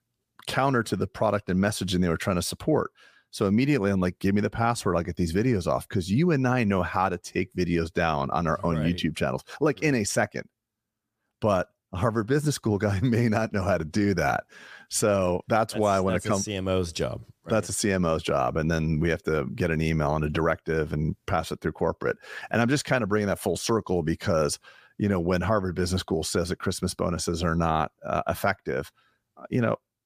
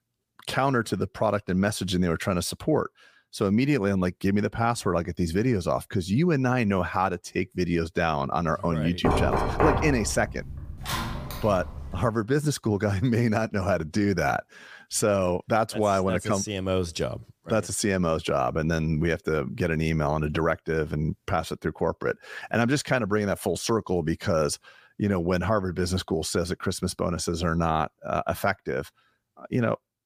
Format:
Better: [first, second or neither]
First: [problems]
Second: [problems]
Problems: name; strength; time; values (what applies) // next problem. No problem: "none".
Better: first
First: none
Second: door banging; loud; from 9 to 12 s; peak 2 dB above the speech